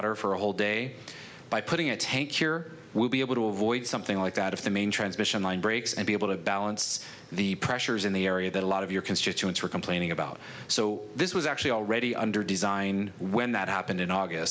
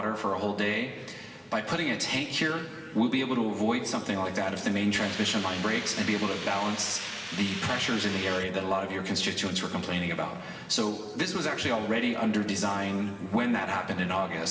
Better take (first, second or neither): first